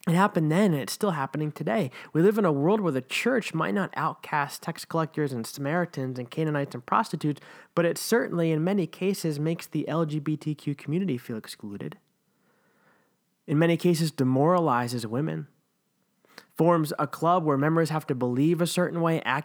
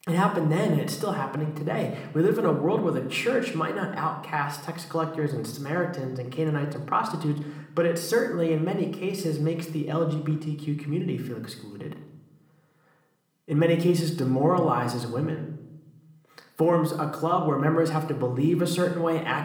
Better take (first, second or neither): first